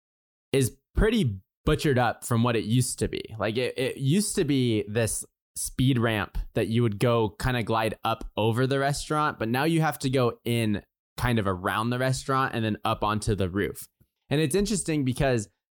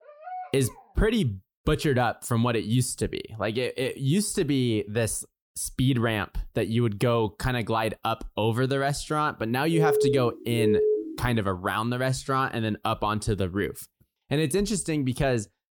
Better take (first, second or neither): first